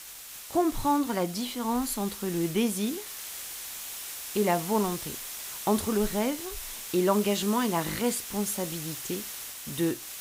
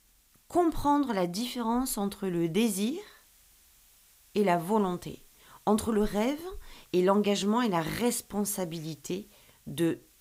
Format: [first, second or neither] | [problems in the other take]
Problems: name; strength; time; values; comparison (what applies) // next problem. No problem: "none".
second | hiss; loud; throughout; 8 dB below the speech; faint in the second